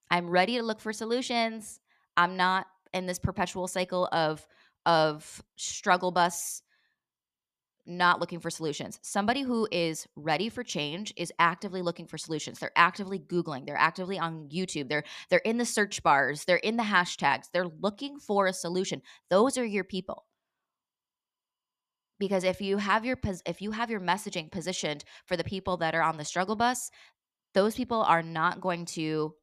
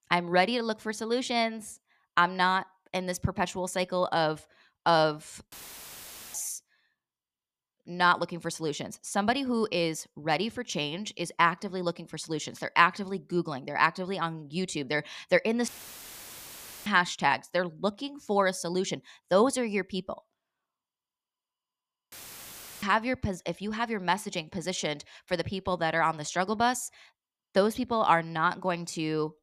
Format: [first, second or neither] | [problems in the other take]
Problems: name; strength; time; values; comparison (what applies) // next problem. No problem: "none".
first | audio cutting out; filled with static; at 5.5 s for 1 s, at 16 s for 1 s and at 22 s for 0.5 s